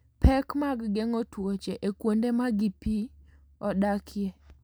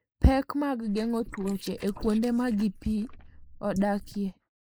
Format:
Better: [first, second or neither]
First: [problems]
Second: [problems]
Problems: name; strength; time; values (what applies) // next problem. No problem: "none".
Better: first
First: none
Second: noise reduction (neural mask model Resemble Enhance denoiser)